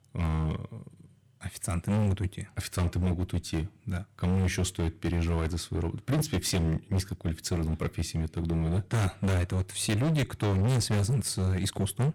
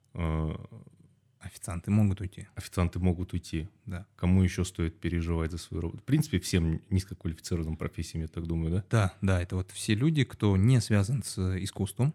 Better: second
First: distortion; heavy; 17% of the sound clipped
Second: none

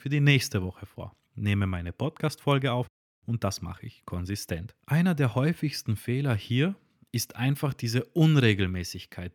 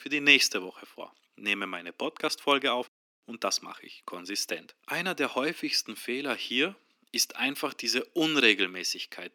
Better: first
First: none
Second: thin; somewhat; fading below 250 Hz

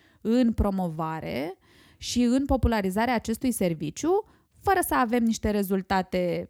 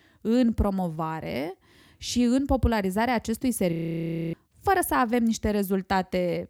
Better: first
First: none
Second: audio freezing; at 3.5 s for 0.5 s

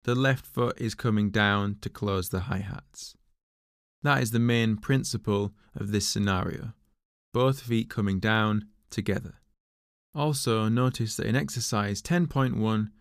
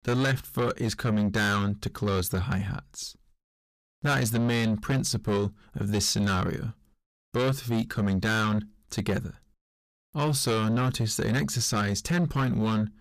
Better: first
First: none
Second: distortion; heavy; 7 dB below the speech

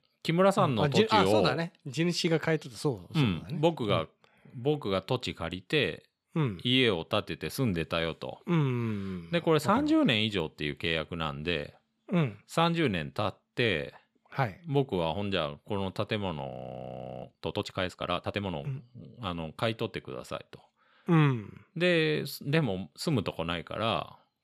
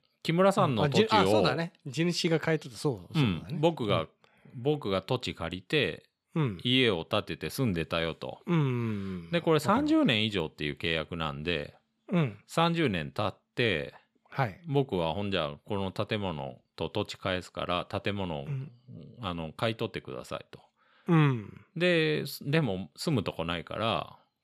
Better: second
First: audio freezing; at 16 s for 0.5 s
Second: none

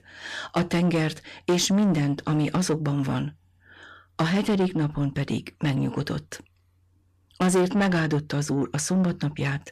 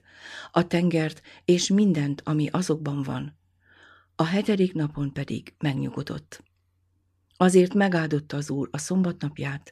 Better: second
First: distortion; heavy; 8 dB below the speech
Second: none

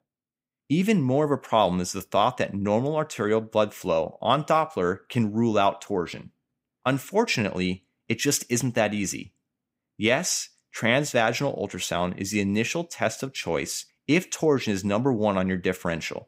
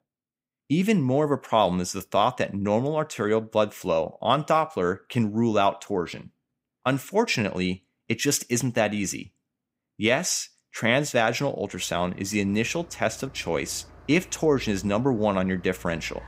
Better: first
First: none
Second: traffic noise; faint; from 12 s on; 25 dB below the speech

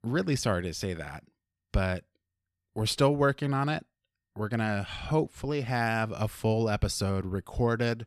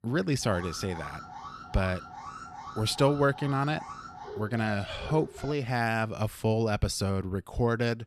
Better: first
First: none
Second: alarm; faint; until 5.5 s; peak 10 dB below the speech

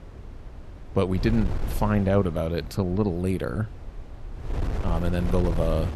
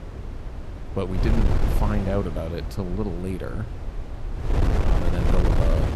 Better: first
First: wind noise on the microphone; occasional gusts; 15 dB below the speech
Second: wind noise on the microphone; heavy; 2 dB below the speech

